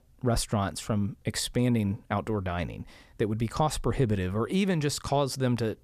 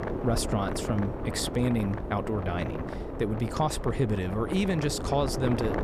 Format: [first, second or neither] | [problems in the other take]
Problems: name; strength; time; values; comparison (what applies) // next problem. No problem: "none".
first | wind noise on the microphone; heavy; 5 dB below the speech